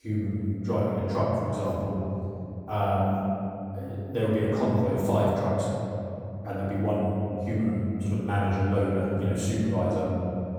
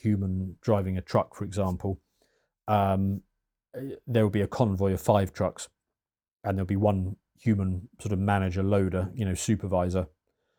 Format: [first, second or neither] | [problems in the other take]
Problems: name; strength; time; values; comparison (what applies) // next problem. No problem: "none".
second | off-mic speech; far // room echo; strong; dies away in 2.7 s